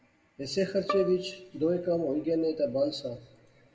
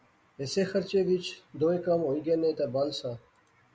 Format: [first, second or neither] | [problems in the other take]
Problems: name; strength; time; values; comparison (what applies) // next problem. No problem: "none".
second | background sound (Bowed string instrument); 10 dB below the speech // room echo; dies away in 1.1 s